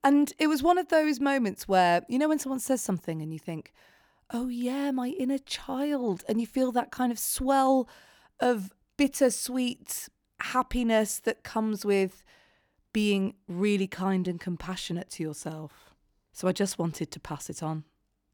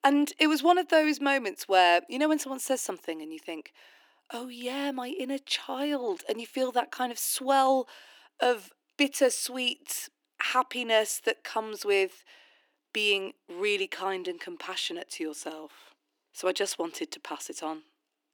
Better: first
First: none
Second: thin; very slightly; fading below 300 Hz

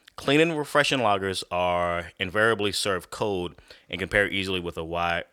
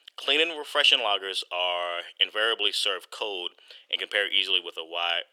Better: first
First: none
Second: thin; very; fading below 400 Hz

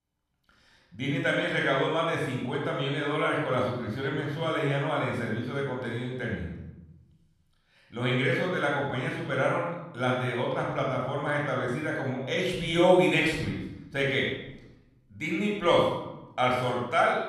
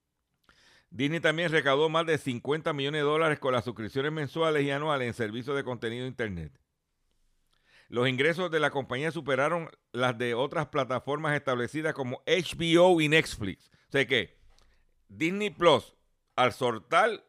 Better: second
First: off-mic speech; somewhat distant // room echo; noticeable; dies away in 0.8 s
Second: none

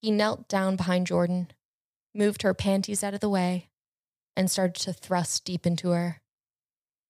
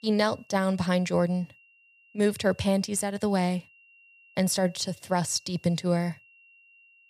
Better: first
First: none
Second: high-pitched whine; faint; throughout; 2.5 kHz, 30 dB below the speech

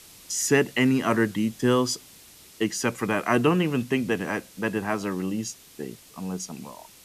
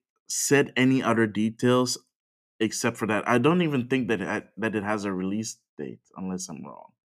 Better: second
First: hiss; faint; throughout; 20 dB below the speech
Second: none

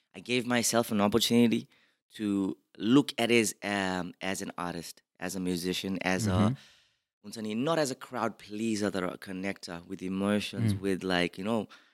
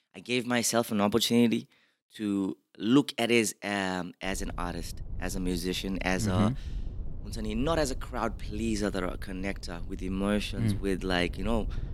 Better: first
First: none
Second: wind noise on the microphone; occasional gusts; from 4.5 s on; 25 dB below the speech

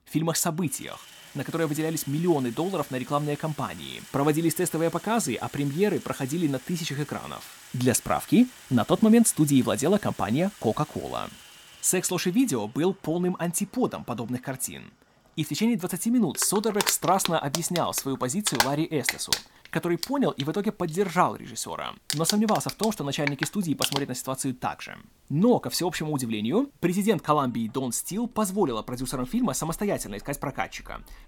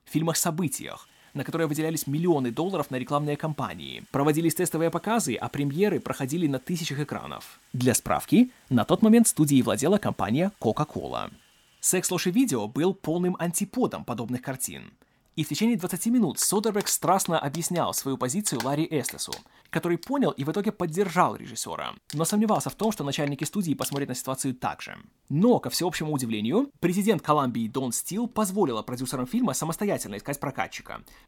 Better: second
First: household noises; loud; throughout; 9 dB below the speech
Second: household noises; faint; throughout; 20 dB below the speech

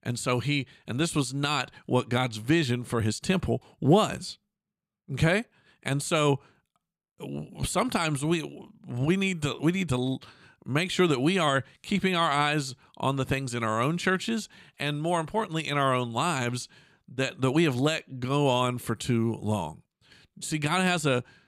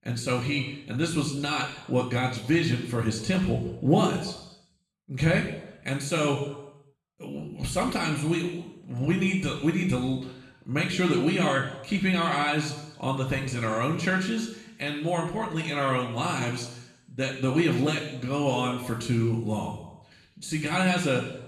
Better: first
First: none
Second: room echo; noticeable; dies away in 0.8 s // off-mic speech; far

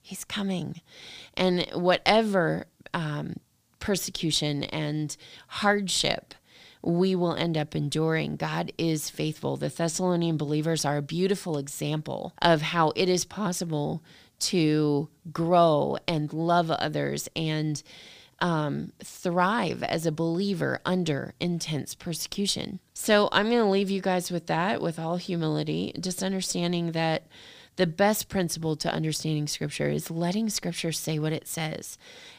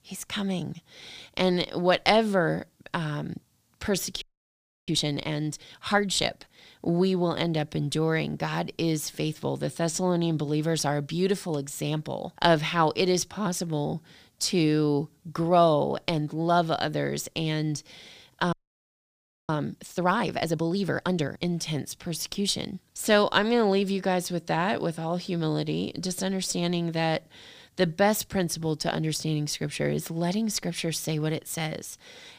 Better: first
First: none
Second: audio freezing; at 4 s for 0.5 s and at 19 s for 1 s

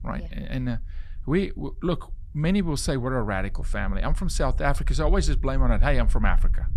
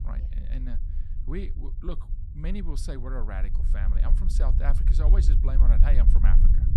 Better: first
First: low rumble; faint; throughout; 25 dB below the speech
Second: low rumble; loud; throughout; 5 dB below the speech

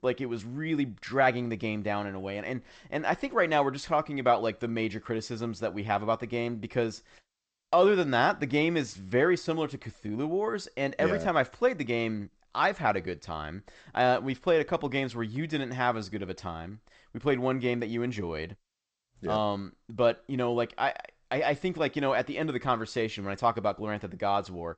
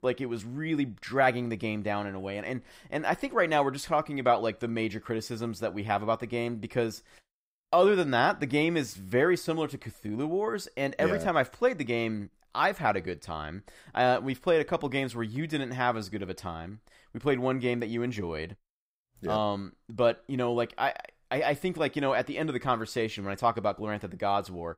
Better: second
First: garbled, watery; slightly; nothing above 8 kHz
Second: none

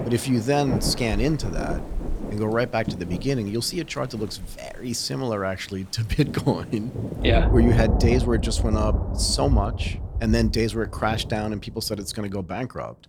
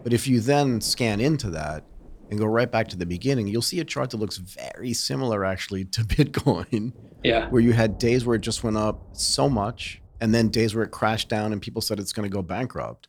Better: second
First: rain or running water; loud; throughout; 3 dB below the speech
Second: rain or running water; faint; throughout; 20 dB below the speech

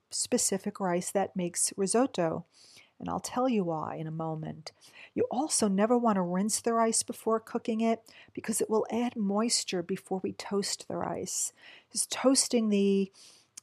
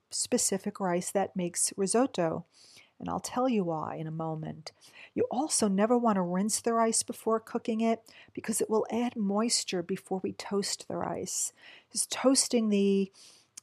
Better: neither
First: none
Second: none

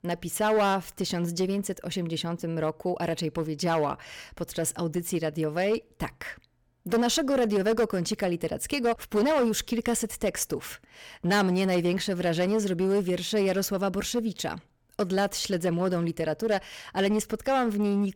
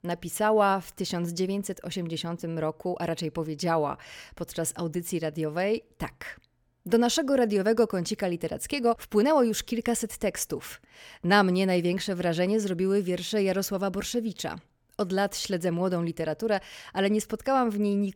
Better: second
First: distortion; slight; 7% of the sound clipped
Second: none

